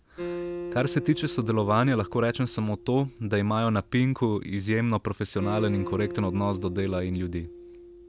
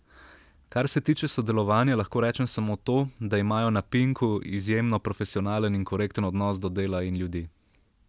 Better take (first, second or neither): second